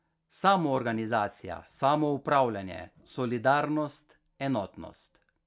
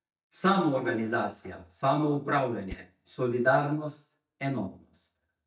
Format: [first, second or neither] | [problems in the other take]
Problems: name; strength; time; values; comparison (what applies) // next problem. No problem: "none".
first | noise reduction (neural mask model DeepFilterNet 3)